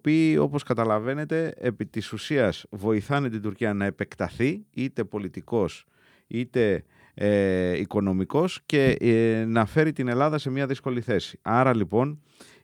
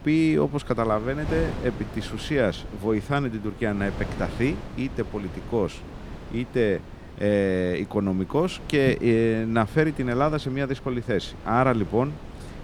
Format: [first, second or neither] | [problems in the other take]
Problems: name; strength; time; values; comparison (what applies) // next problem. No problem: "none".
first | wind noise on the microphone; occasional gusts; 15 dB below the speech